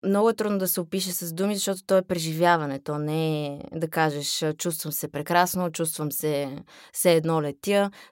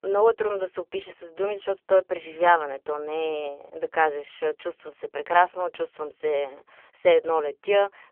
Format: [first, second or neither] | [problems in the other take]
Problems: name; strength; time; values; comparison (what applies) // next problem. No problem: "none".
first | phone-call audio; poor line; nothing above 3 kHz